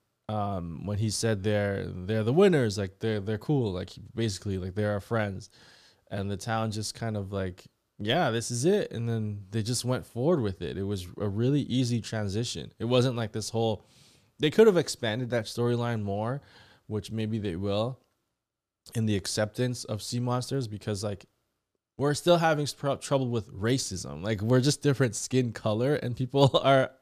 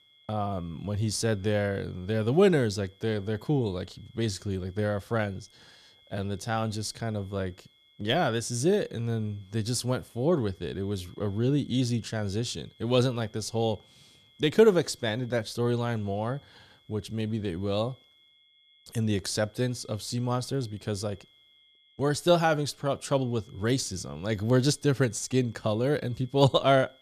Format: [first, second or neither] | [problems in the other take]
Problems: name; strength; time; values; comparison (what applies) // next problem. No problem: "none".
first | high-pitched whine; faint; throughout; 3.5 kHz, 30 dB below the speech